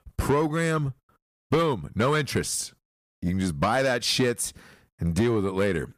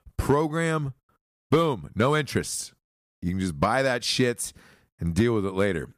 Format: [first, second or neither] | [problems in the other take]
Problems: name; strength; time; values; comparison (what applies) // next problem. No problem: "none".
second | distortion; slight; 10 dB below the speech